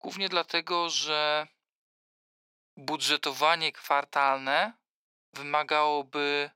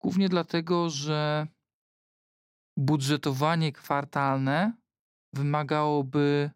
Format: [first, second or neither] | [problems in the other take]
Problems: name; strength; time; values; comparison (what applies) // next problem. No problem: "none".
second | thin; very; fading below 700 Hz